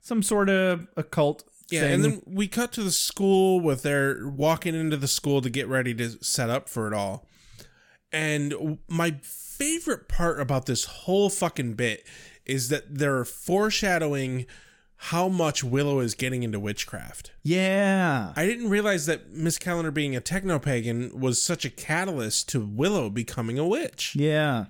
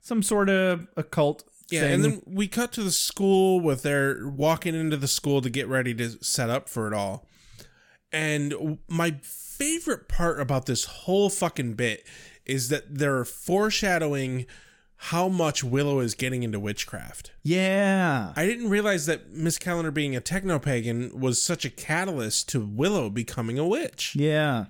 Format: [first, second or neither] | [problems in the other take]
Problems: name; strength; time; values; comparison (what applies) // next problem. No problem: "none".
neither | none